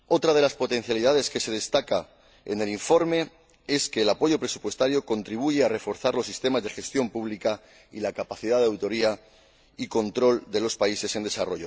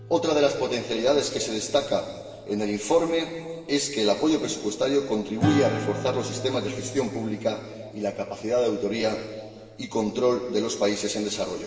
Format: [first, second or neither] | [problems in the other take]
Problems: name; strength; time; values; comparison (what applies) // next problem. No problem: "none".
first | background sound (Acoustic guitar / Strum); 13 dB below the speech // room echo; dies away in 1.9 s